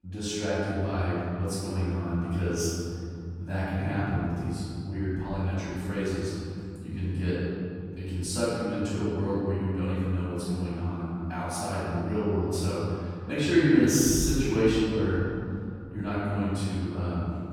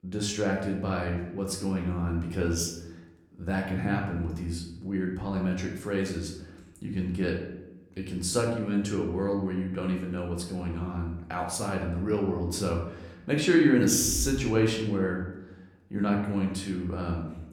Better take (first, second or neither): second